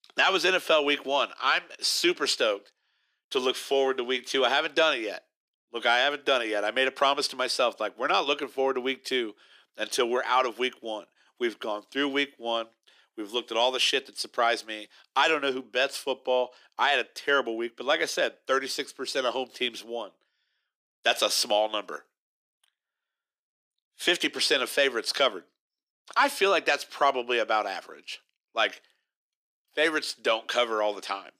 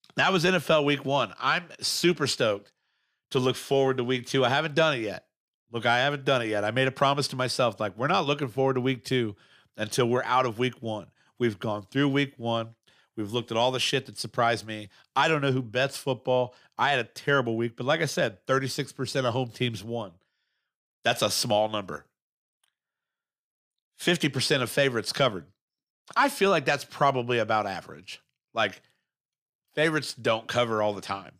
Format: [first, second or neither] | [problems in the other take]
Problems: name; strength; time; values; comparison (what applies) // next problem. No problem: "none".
second | thin; somewhat; fading below 300 Hz